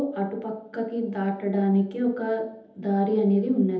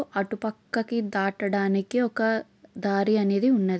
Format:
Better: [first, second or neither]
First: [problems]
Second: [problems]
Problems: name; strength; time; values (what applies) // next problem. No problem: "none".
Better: second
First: room echo; dies away in 0.8 s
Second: none